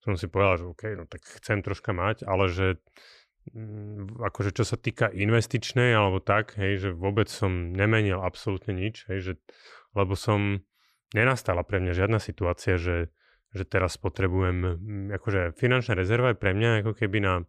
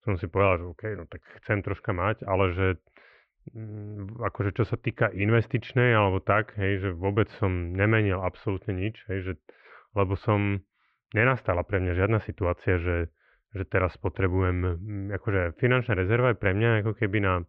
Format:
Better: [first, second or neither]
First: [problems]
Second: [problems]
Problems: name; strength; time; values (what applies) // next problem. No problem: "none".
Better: first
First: none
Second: muffled; very; fading above 2.5 kHz